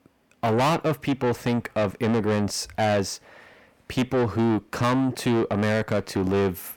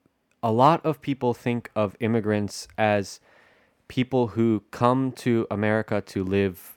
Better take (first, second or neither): second